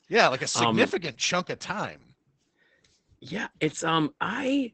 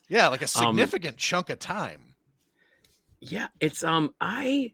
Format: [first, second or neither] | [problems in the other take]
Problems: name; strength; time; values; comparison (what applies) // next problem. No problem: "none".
second | garbled, watery; badly; nothing above 8 kHz; slightly in the second